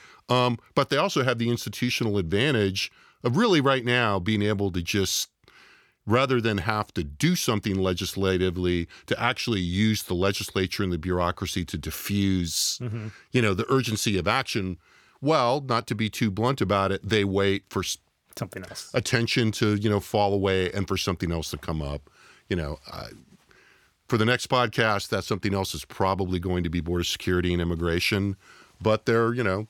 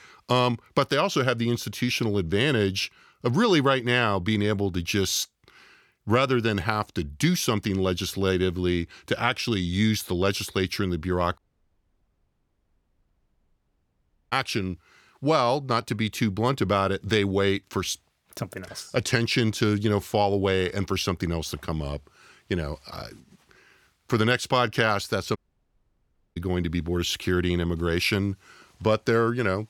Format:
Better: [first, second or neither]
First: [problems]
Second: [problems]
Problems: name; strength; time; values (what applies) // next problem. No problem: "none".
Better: first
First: none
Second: audio cutting out; at 11 s for 3 s and at 25 s for 1 s